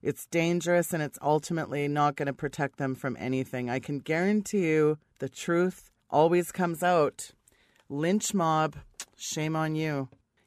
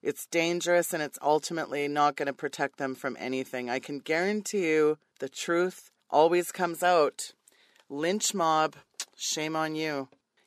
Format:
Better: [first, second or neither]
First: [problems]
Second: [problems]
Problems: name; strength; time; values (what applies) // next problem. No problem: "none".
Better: first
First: none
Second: thin; somewhat; fading below 300 Hz